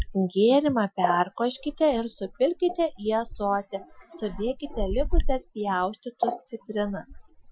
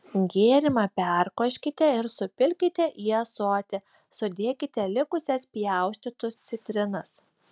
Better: second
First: noise reduction (classical method Wiener filter)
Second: none

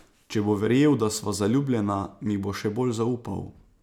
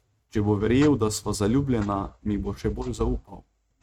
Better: first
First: none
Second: noise reduction (neural mask model RNNoise)

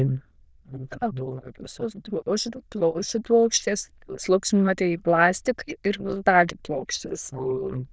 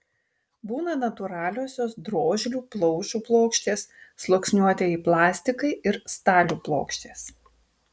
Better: second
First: noise reduction (neural diffusion model UNIVERSE++)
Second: none

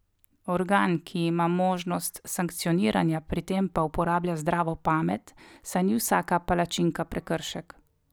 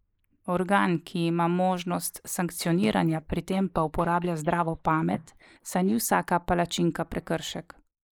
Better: first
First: none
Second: noise reduction (neural mask model Resemble Enhance denoiser)

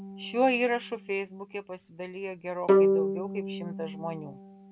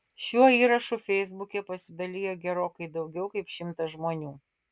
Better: second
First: background sound (Bowed string instrument); 2 dB above the speech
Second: none

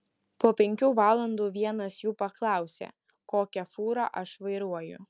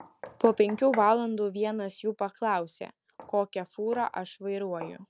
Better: first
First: none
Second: background sound (Knock); 19 dB below the speech

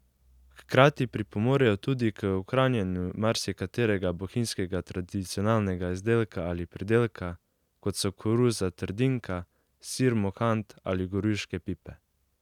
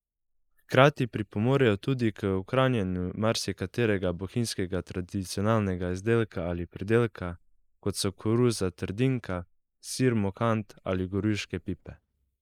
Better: first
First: none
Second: noise reduction (neural mask model Resemble Enhance denoiser)

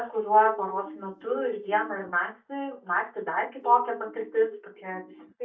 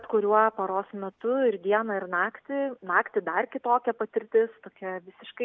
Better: second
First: noise reduction (neural mask model DeepFilterNet 3)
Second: none

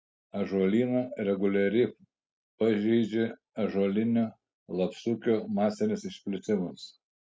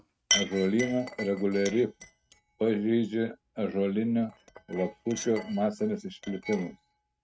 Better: first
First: none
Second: noise reduction (neural mask model RNNoise)

